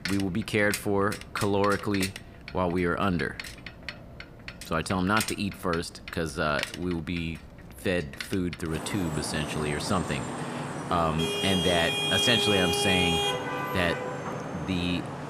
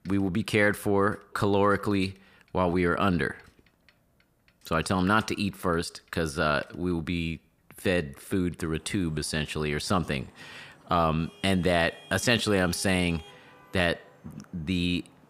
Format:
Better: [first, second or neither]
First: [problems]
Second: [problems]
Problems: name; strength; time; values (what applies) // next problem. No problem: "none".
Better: second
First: traffic noise; loud; throughout; 2 dB below the speech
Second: traffic noise; faint; throughout; 25 dB below the speech